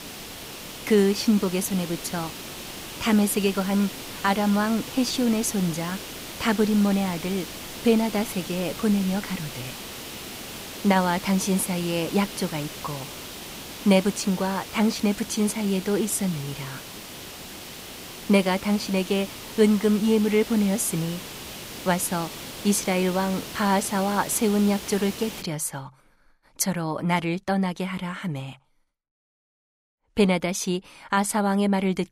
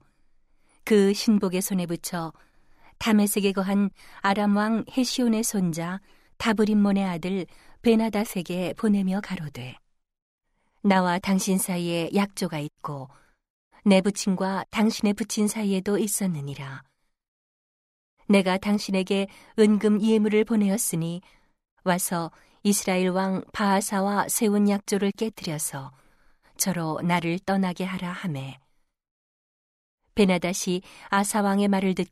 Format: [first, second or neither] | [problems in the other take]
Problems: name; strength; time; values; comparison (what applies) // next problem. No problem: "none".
second | hiss; noticeable; until 25 s; 10 dB below the speech